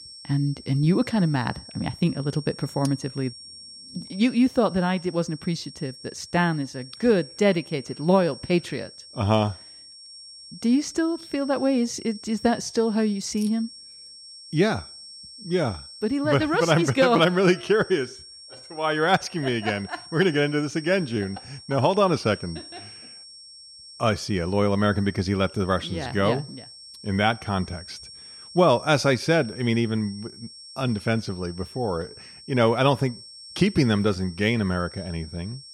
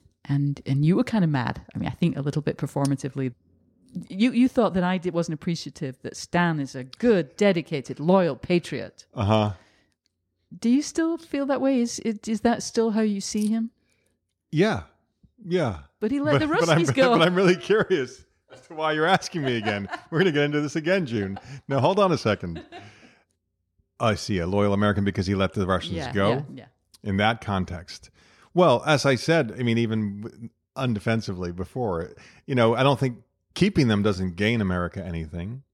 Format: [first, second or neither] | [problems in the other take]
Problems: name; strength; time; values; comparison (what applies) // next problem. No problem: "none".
second | high-pitched whine; noticeable; throughout; 5.5 kHz, 15 dB below the speech